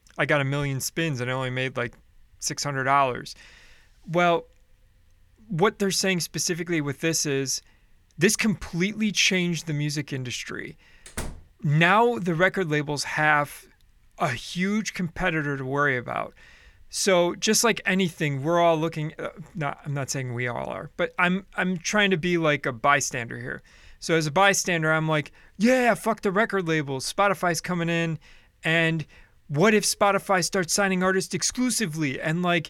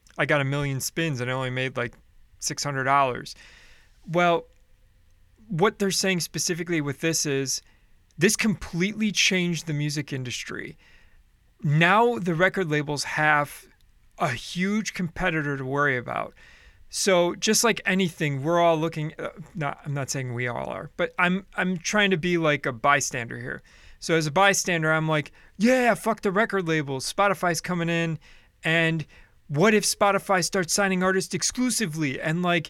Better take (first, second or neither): second